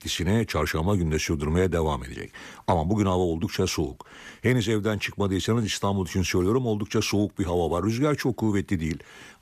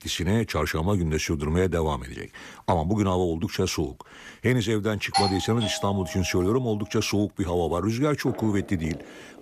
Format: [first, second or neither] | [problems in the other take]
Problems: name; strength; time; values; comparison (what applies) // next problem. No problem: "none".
first | doorbell; loud; at 5 s; peak level with the speech // footsteps; faint; from 8.5 s on; peak 15 dB below the speech